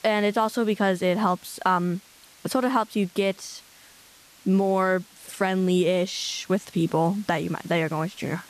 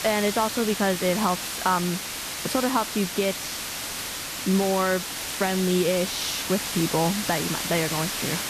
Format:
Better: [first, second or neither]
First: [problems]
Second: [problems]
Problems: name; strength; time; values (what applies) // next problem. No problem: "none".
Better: first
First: hiss; faint; throughout; 25 dB below the speech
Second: hiss; loud; throughout; 3 dB below the speech